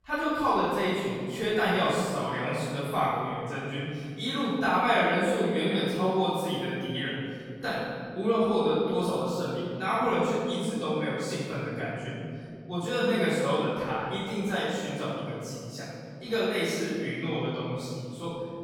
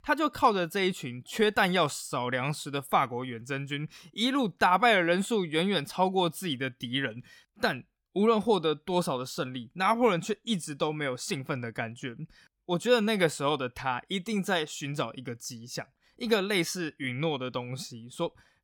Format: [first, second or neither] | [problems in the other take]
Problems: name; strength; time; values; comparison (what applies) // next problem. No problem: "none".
second | off-mic speech; far // room echo; strong; dies away in 2.4 s